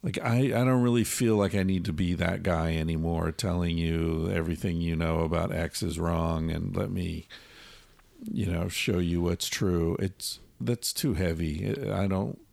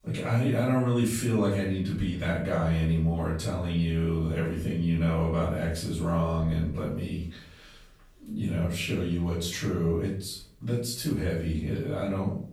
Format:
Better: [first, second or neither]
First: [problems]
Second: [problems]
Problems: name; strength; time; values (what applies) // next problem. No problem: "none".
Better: first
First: none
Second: off-mic speech; far // room echo; noticeable; dies away in 0.4 s